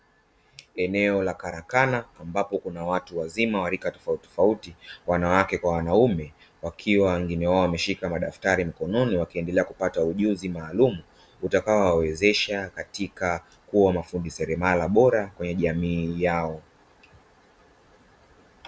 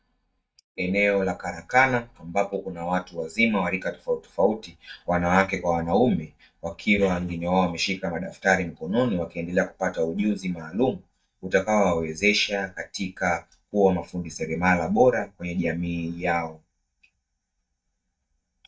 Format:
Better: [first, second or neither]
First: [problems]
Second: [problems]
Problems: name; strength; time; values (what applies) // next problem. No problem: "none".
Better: first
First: none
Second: noise reduction (neural mask model DeepFilterNet 3)